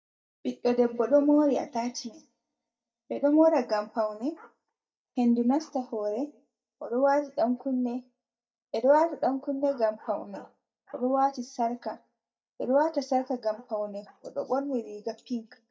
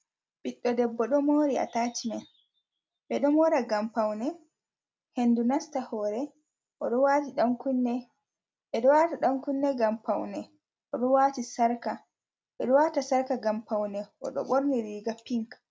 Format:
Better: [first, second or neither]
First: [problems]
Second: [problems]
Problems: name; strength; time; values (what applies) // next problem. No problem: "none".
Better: second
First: noise reduction (neural mask model DeepFilterNet 3)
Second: none